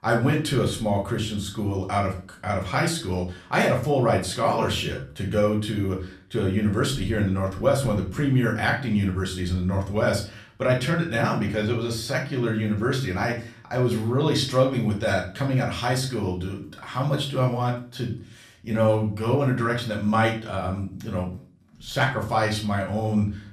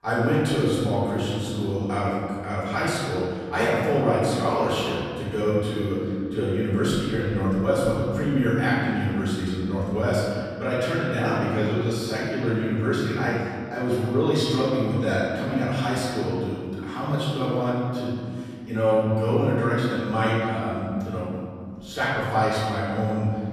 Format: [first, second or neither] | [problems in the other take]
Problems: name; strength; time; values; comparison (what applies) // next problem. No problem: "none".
first | room echo; strong; dies away in 2 s; slight in the first // off-mic speech; far; far in the first